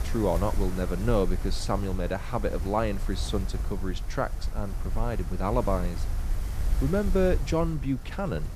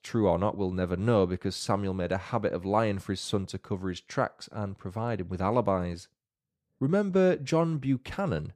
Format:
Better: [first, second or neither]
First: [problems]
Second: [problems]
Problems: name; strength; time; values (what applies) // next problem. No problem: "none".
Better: second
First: wind noise on the microphone; occasional gusts; 15 dB below the speech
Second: none